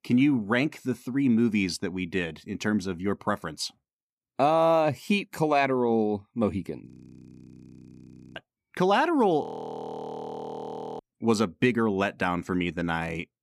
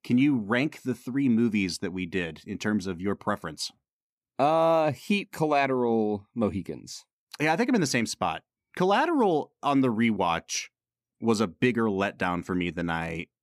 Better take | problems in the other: second | audio freezing; at 7 s for 1.5 s and at 9.5 s for 1.5 s

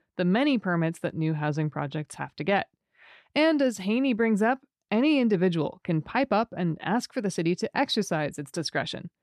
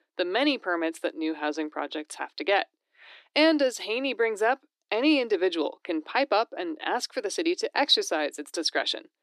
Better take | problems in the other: first | thin; somewhat; fading below 300 Hz

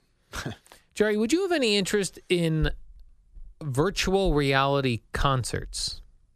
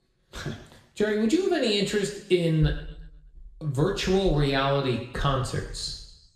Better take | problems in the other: first | room echo; noticeable; dies away in 0.8 s // off-mic speech; somewhat distant

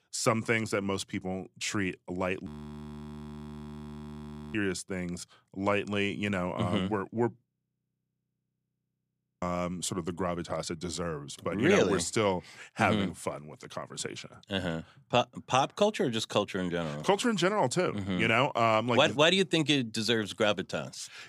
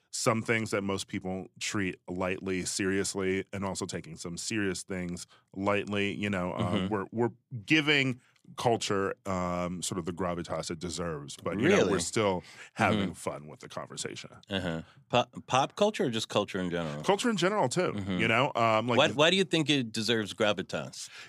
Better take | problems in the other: second | audio freezing; at 2.5 s for 2 s and at 7.5 s for 2 s

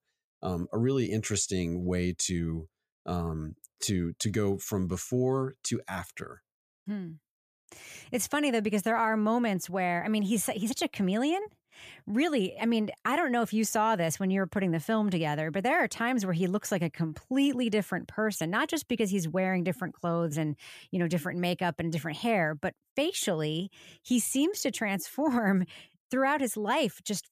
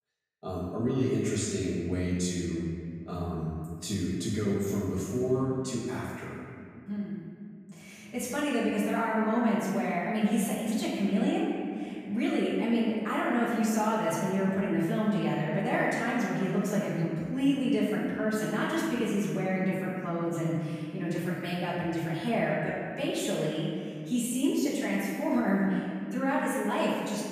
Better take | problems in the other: first | room echo; strong; dies away in 2.2 s // off-mic speech; far

